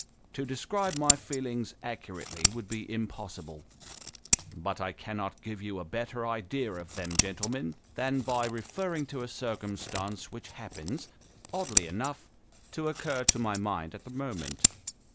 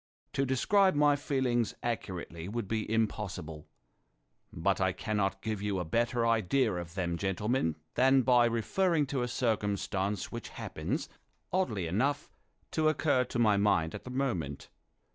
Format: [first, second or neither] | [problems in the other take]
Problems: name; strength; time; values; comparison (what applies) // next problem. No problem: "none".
second | background sound (Scissors); as loud as the speech